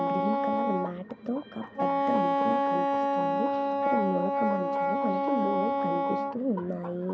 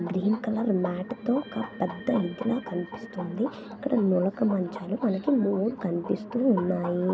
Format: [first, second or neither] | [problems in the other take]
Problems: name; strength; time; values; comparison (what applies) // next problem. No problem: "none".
second | background sound (Wind instrument, woodwind instrument); 4 dB above the speech